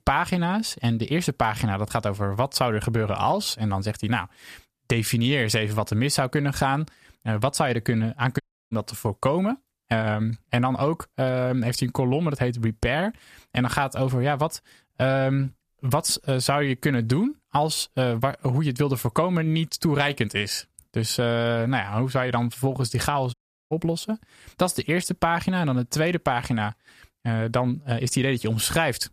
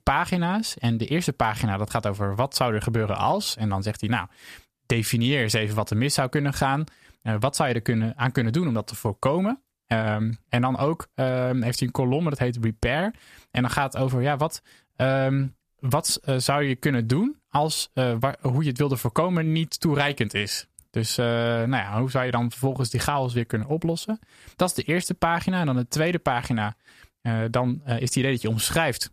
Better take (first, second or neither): second